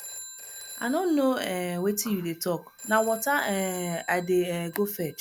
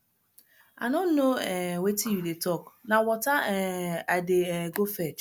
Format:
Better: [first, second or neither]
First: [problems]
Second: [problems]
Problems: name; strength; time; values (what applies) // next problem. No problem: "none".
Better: second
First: background sound (Telephone); 16 dB below the speech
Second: none